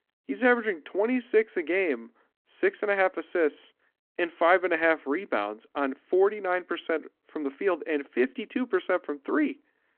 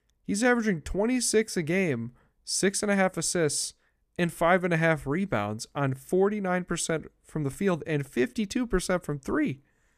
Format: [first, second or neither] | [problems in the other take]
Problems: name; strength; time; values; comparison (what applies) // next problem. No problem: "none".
second | phone-call audio